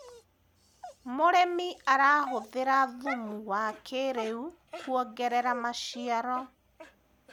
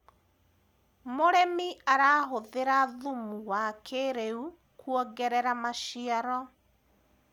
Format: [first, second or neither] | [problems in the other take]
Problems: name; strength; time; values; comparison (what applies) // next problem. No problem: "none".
second | background sound (Dog); 16 dB below the speech